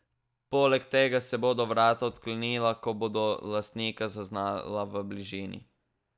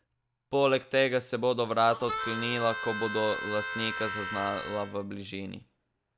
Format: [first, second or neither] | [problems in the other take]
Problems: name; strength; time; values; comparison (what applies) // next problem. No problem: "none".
first | background sound (Harmonica); 6 dB below the speech